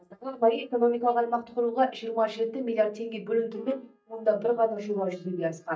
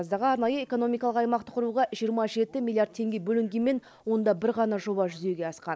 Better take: second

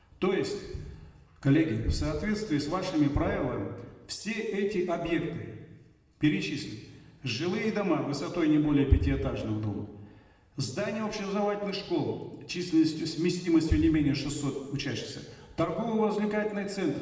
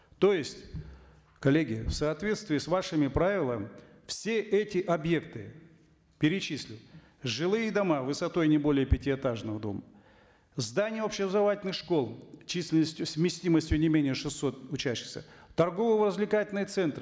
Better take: second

